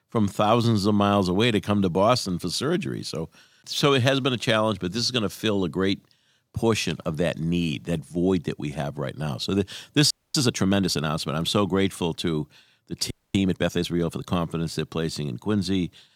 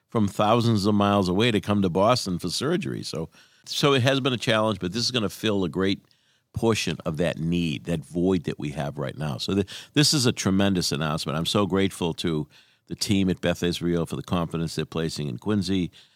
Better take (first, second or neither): second